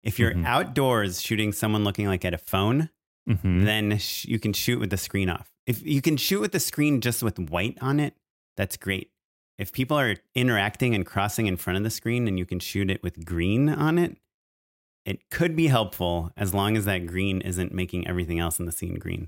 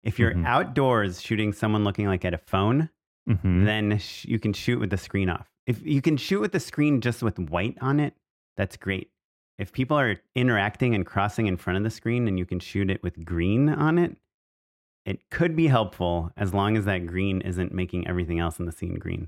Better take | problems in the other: first | muffled; slightly; fading above 2 kHz

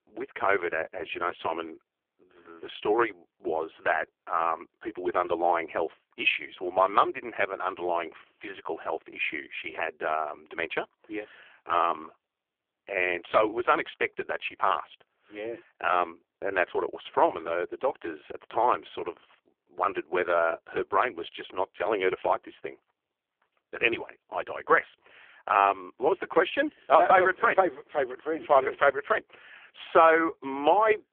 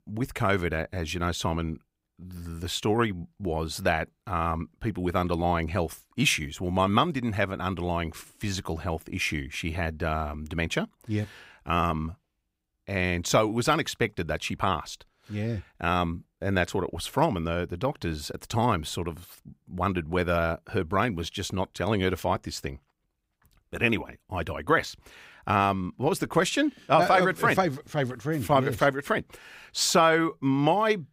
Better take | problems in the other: second | phone-call audio; poor line; nothing above 3.5 kHz

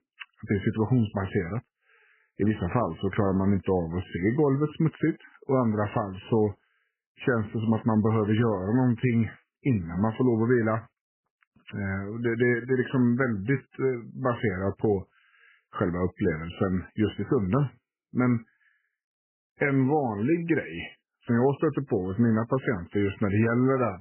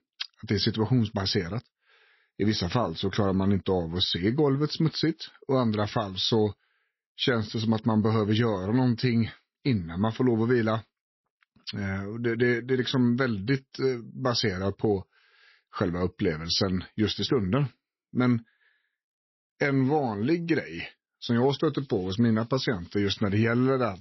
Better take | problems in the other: second | garbled, watery; badly; nothing above 3 kHz; slightly in the second

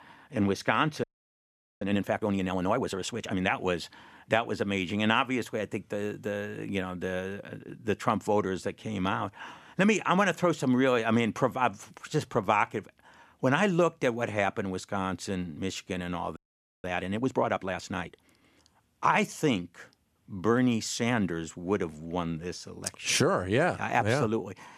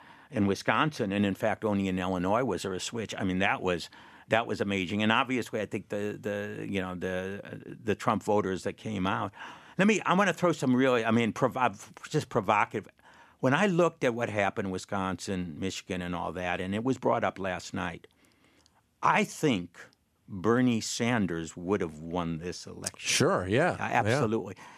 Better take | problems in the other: second | audio freezing; at 1 s for 1 s and at 16 s

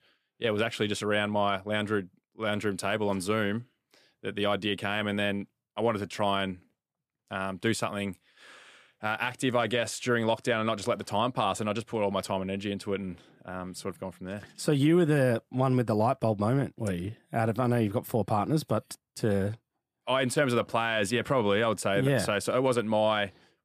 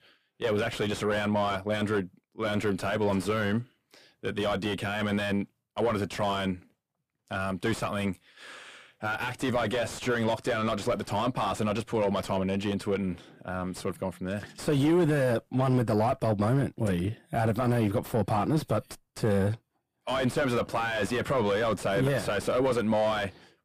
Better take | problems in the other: first | distortion; heavy; 6 dB below the speech

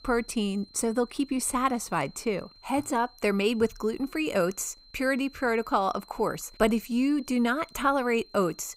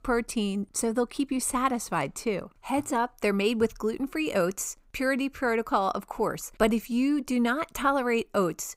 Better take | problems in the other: second | high-pitched whine; faint; throughout; 4 kHz, 25 dB below the speech

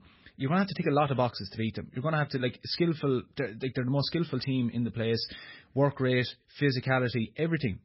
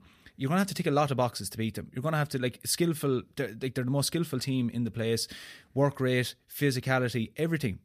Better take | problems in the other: second | garbled, watery; badly; nothing above 5.5 kHz

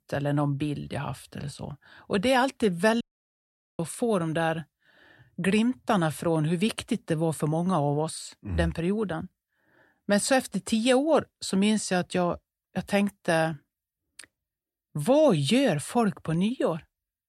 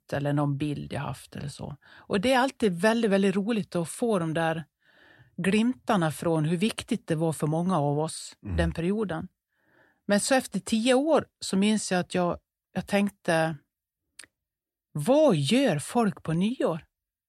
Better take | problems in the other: second | audio cutting out; at 3 s for 1 s

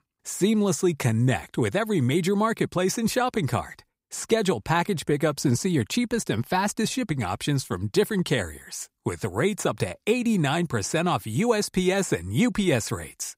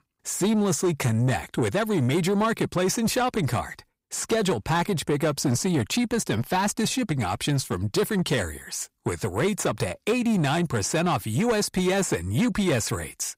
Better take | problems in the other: first | distortion; slight; 10 dB below the speech

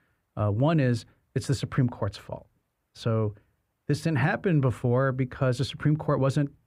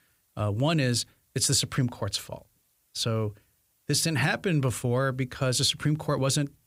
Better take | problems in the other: second | muffled; very; fading above 3 kHz

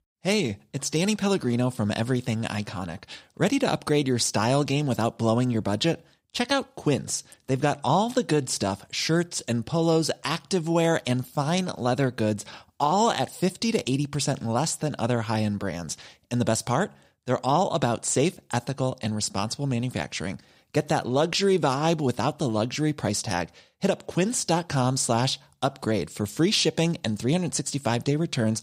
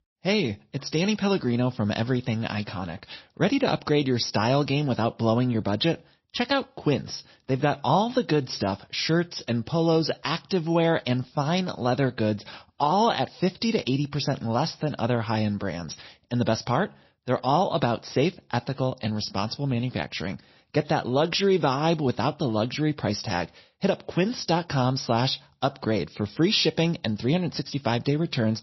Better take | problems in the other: first | garbled, watery; slightly; nothing above 5.5 kHz

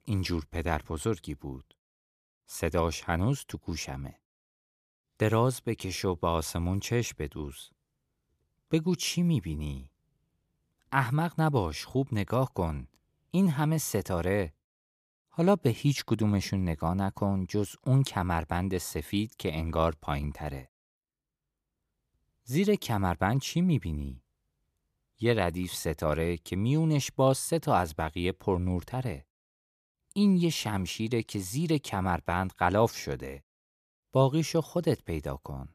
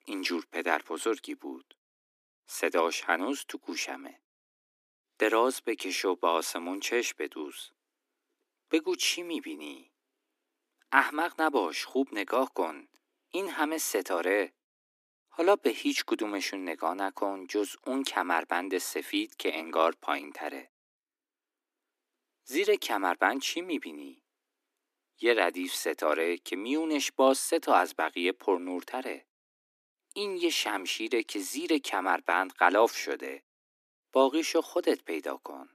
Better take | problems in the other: first | thin; somewhat; fading below 250 Hz

